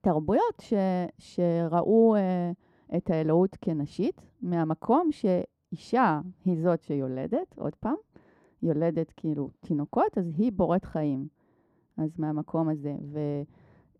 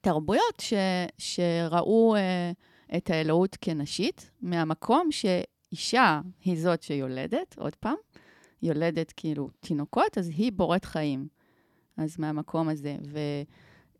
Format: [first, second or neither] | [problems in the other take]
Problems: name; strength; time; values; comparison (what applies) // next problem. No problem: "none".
second | muffled; very; fading above 1.5 kHz